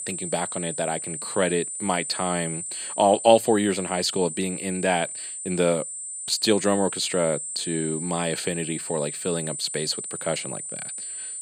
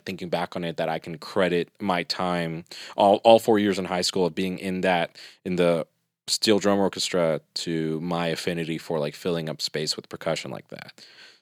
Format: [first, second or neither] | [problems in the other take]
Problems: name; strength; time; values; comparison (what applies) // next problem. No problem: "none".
second | high-pitched whine; loud; throughout; 8.5 kHz, 6 dB below the speech